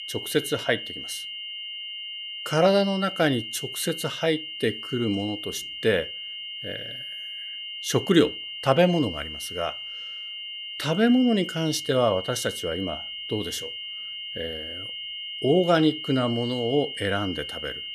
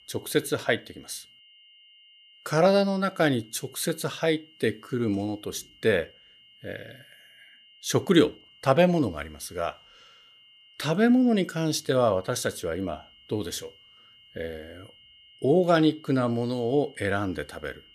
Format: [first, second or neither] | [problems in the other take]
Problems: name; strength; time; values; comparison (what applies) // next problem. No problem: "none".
second | high-pitched whine; loud; throughout; 3 kHz, 8 dB below the speech; faint in the second